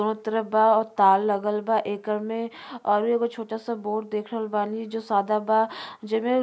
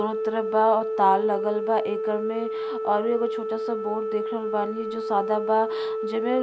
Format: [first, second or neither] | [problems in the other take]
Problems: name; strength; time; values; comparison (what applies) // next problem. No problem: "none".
first | background sound (Organ); 3 dB below the speech